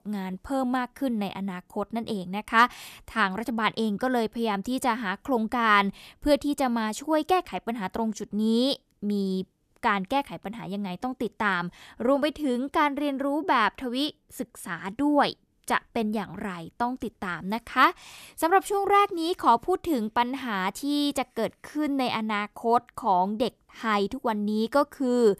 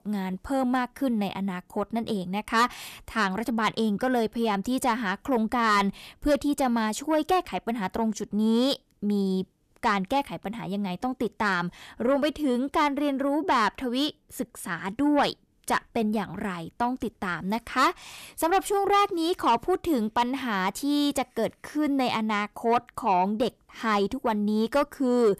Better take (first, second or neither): first